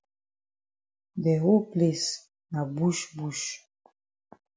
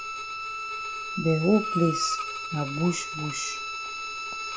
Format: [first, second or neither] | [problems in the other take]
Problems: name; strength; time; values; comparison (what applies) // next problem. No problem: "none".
first | background sound (Bowed string instrument); 4 dB below the speech